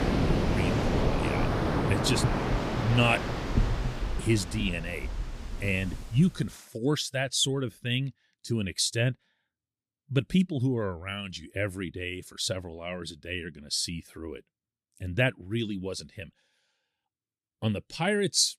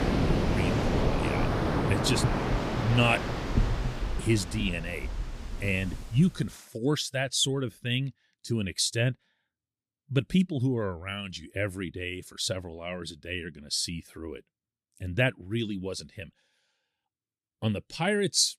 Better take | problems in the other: neither | rain or running water; loud; until 6.5 s; as loud as the speech; the same in both

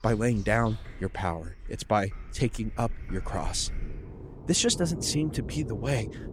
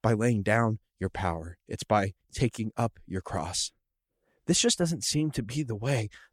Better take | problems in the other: second | rain or running water; noticeable; throughout; 10 dB below the speech

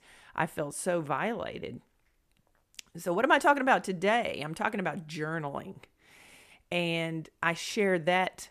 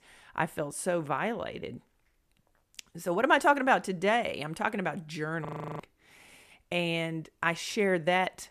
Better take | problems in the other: first | audio freezing; at 5.5 s

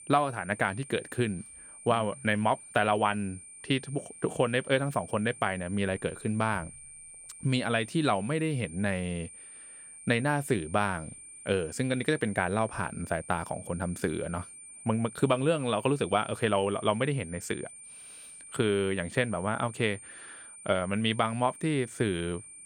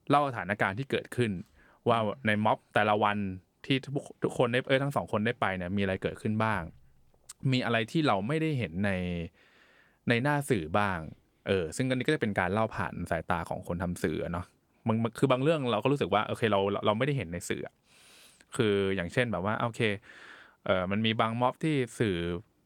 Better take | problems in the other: second | high-pitched whine; noticeable; throughout; 9 kHz, 15 dB below the speech

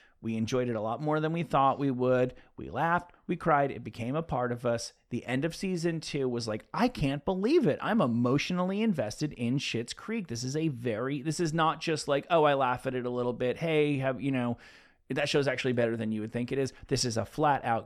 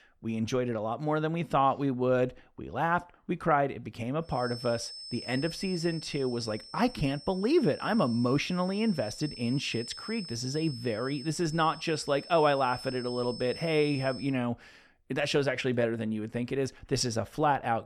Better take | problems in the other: first | high-pitched whine; noticeable; from 4.5 to 14 s; 5.5 kHz, 15 dB below the speech

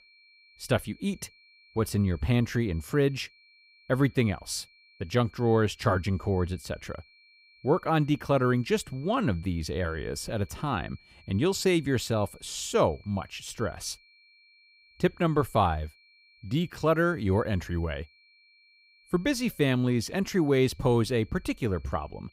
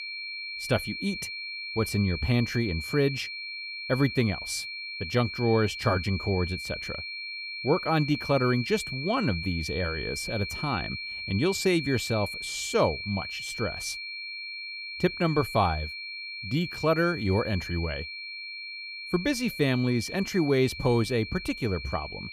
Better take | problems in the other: first | high-pitched whine; loud; throughout; 2.5 kHz, 7 dB below the speech; faint in the first

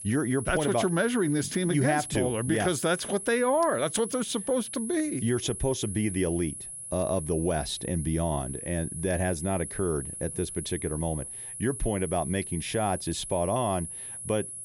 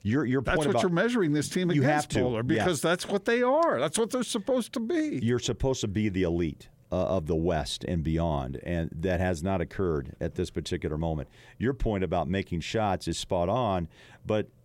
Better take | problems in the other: second | high-pitched whine; loud; throughout; 10.5 kHz, 8 dB below the speech

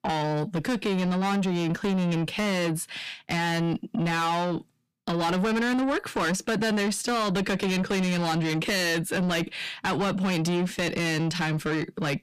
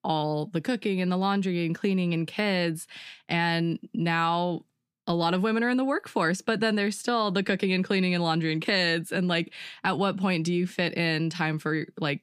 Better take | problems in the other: second | distortion; heavy; 7 dB below the speech

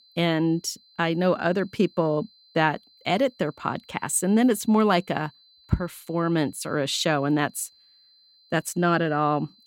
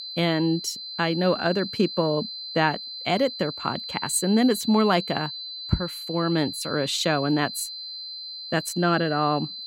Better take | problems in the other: first | high-pitched whine; loud; throughout; 4 kHz, 8 dB below the speech; faint in the first

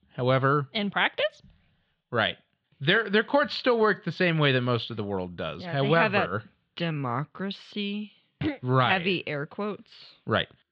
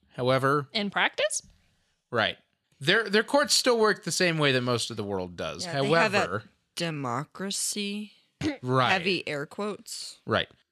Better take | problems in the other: second | muffled; slightly; fading above 3.5 kHz

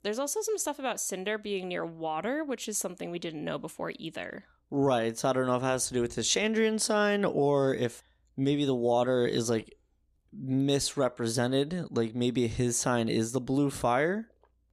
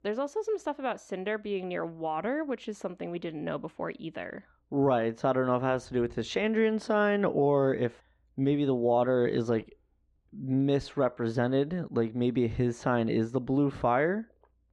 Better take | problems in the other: first | muffled; very; fading above 2 kHz

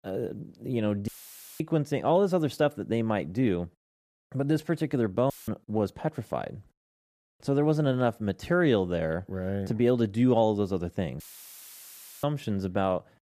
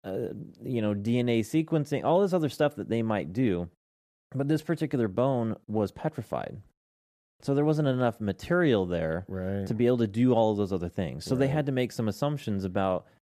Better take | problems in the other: second | audio cutting out; filled with static; at 1 s for 0.5 s, at 5.5 s and at 11 s for 1 s

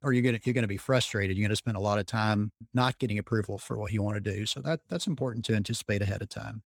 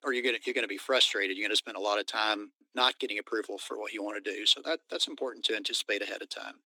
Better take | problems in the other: first | thin; very; fading below 300 Hz

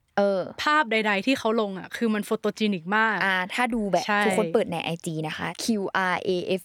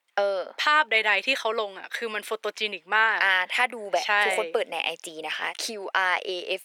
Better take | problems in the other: first | thin; very; fading below 450 Hz

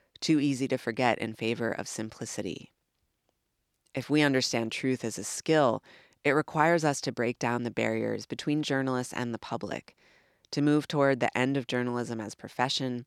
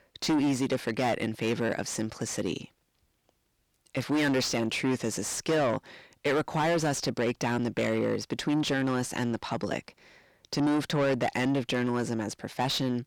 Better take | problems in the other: first | distortion; heavy; 6 dB below the speech

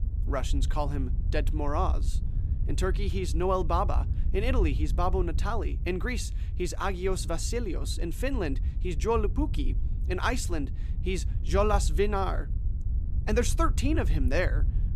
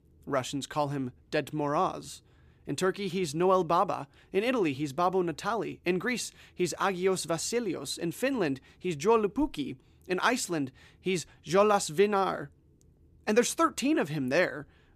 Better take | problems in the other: second | wind noise on the microphone; occasional gusts; 20 dB below the speech

